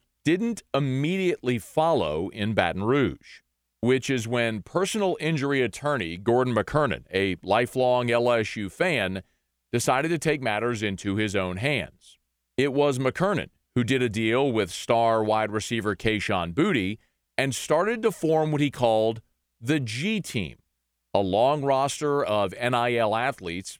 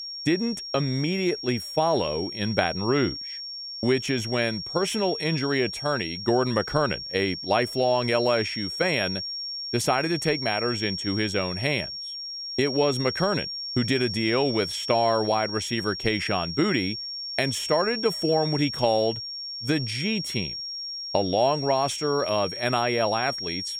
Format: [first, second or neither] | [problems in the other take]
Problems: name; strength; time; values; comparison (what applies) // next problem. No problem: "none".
first | high-pitched whine; loud; throughout; 5.5 kHz, 6 dB below the speech